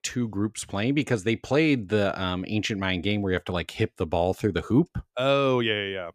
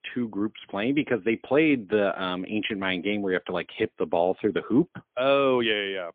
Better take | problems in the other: first | phone-call audio; poor line; nothing above 3.5 kHz

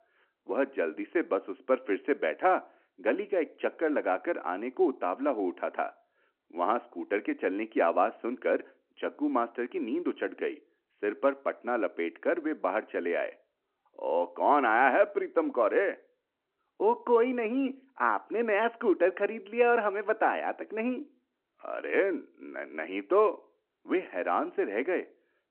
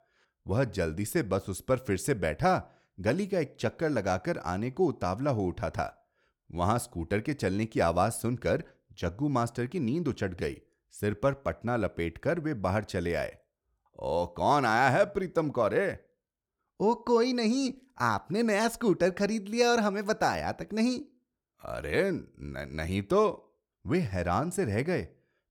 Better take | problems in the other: second | phone-call audio

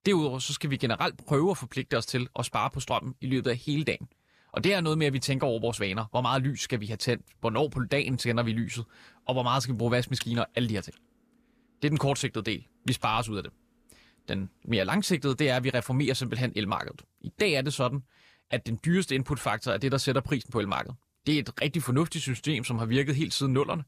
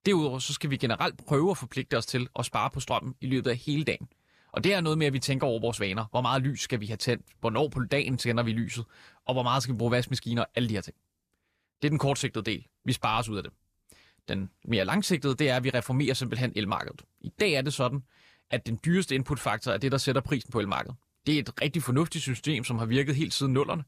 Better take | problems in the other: second | keyboard typing; faint; from 10 to 13 s; peak 10 dB below the speech

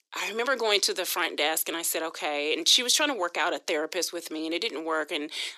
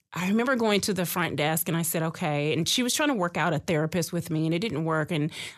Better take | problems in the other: second | thin; somewhat; fading below 300 Hz

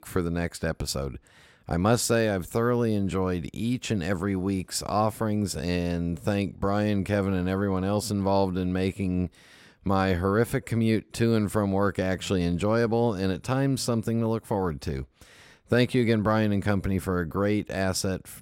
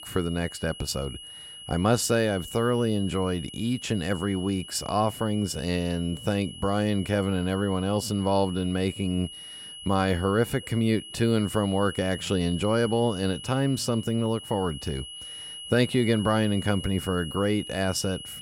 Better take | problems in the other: first | high-pitched whine; noticeable; throughout; 3 kHz, 10 dB below the speech

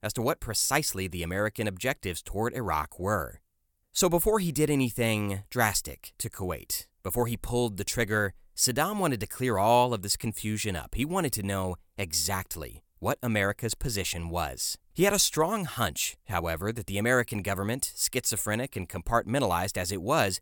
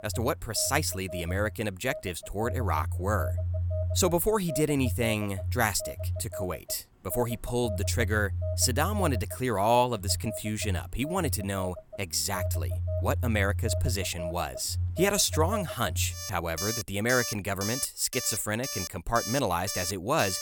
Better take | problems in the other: first | alarms or sirens; loud; throughout; 5 dB below the speech

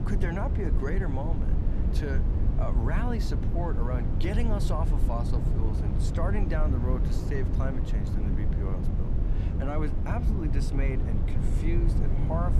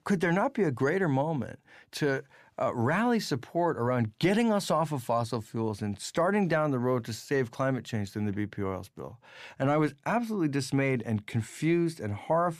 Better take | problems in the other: second | low rumble; loud; throughout; 3 dB below the speech

